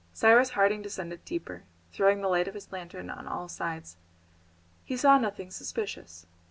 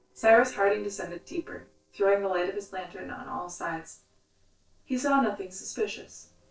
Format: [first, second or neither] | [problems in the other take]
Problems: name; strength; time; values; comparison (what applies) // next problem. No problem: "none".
first | noise reduction (neural separator model SepFormer DNS4)